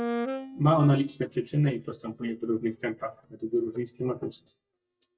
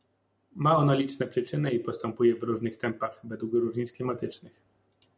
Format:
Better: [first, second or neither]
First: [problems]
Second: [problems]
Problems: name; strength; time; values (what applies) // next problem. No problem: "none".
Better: second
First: noise reduction (neural mask model DeepFilterNet 3)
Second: none